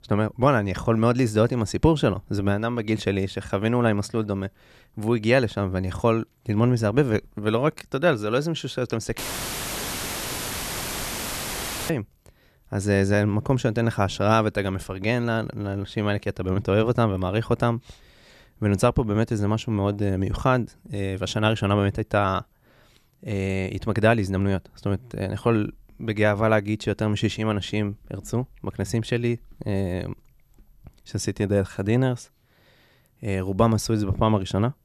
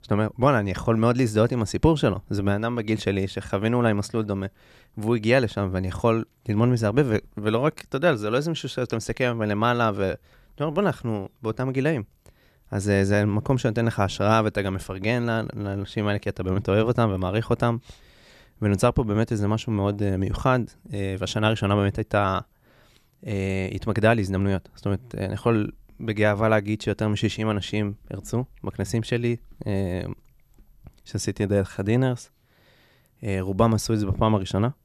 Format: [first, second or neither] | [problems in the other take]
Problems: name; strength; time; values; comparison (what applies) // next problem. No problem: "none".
second | audio cutting out; filled with static; at 9 s for 2.5 s